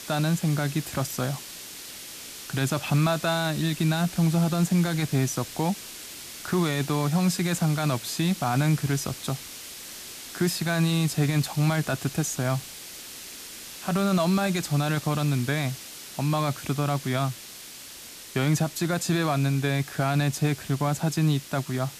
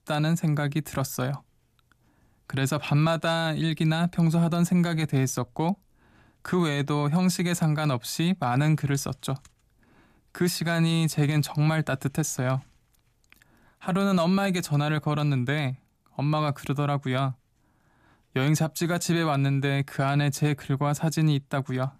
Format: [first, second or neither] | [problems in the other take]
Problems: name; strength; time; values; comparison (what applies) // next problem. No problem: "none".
second | hiss; noticeable; throughout; 10 dB below the speech